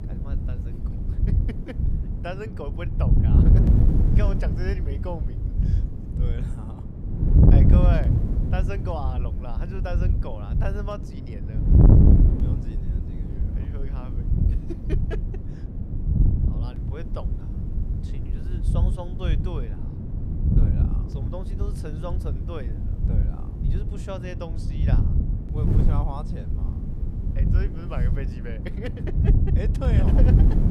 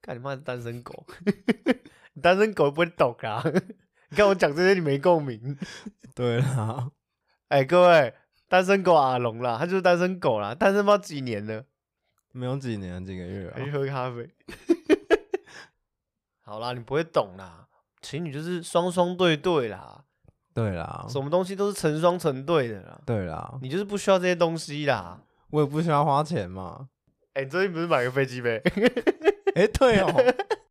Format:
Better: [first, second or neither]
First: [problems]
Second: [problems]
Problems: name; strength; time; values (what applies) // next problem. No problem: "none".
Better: second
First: wind noise on the microphone; heavy; 1 dB above the speech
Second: none